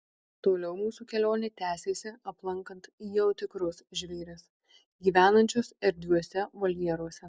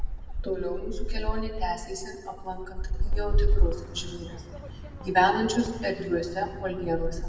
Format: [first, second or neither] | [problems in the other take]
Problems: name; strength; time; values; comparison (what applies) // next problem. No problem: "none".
first | background sound (Gull, seagull); 2 dB above the speech // room echo; dies away in 0.9 s